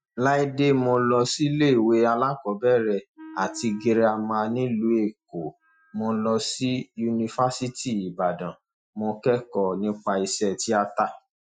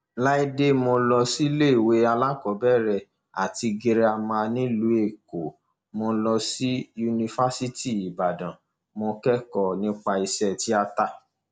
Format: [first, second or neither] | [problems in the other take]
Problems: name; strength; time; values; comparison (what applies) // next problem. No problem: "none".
second | noise reduction (classical method Wiener filter)